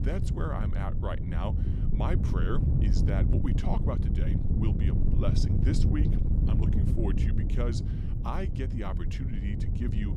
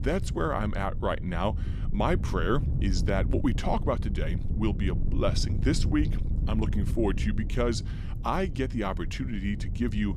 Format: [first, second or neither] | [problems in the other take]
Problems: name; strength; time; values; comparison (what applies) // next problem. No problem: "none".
second | wind noise on the microphone; heavy; 1 dB below the speech; occasional gusts in the second